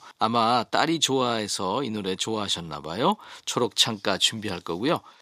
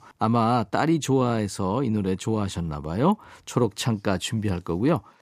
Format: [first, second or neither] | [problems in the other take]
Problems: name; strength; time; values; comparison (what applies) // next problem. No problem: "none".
second | thin; somewhat; fading below 600 Hz